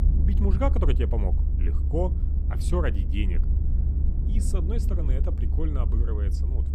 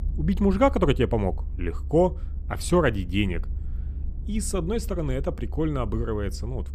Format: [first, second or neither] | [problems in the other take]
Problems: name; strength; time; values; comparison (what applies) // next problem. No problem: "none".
second | low rumble; loud; throughout; 8 dB below the speech; faint in the second